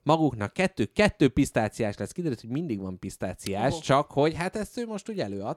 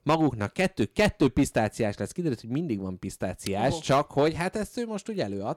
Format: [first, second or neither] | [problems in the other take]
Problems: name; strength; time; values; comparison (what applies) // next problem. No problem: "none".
first | distortion; slight; 3% of the sound clipped